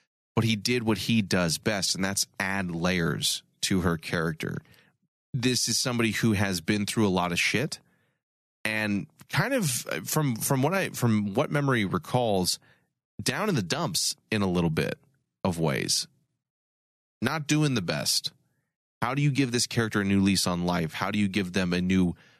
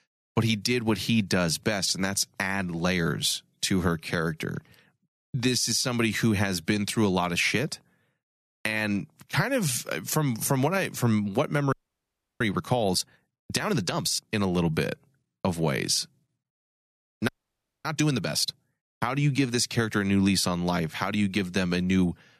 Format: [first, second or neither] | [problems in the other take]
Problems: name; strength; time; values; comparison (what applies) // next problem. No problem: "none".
first | audio freezing; at 12 s for 0.5 s and at 17 s for 0.5 s